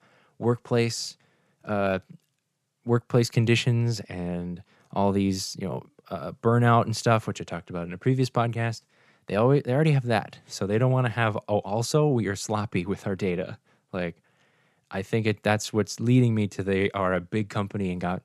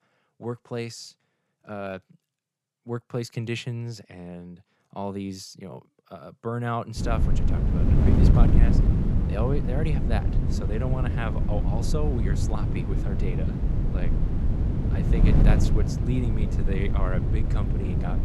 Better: first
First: none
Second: wind noise on the microphone; heavy; from 7 s on; as loud as the speech

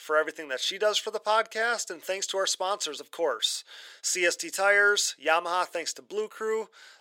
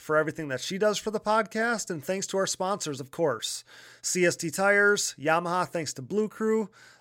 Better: second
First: thin; very; fading below 400 Hz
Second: none

